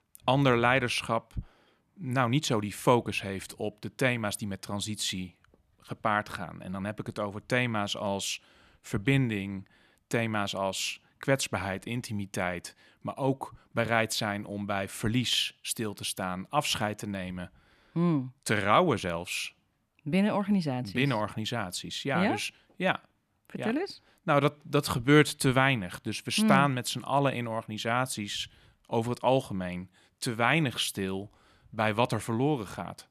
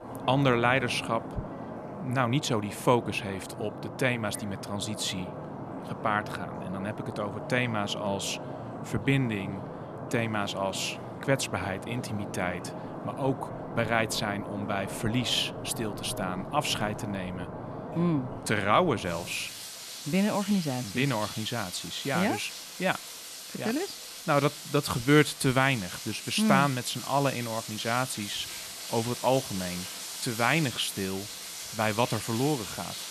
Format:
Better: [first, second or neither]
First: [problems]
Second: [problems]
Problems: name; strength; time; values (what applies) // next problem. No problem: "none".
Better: first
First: none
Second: rain or running water; loud; throughout; 9 dB below the speech